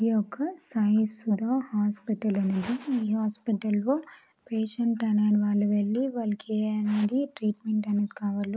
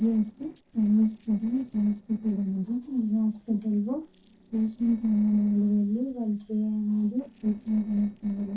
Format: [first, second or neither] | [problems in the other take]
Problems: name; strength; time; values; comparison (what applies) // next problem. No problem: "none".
first | noise reduction (neural separator model SepFormer DNS4)